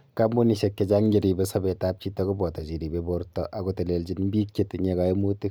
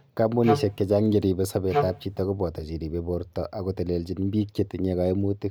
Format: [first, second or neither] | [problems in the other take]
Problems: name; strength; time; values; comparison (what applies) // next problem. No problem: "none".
first | background sound (Wind instrument, woodwind instrument); 2 dB below the speech